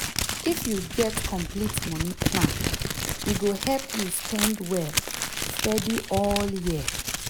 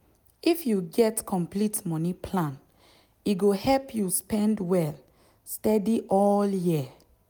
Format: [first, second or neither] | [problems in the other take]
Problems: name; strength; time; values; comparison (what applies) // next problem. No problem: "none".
second | background sound (Crumpling, crinkling); 1 dB below the speech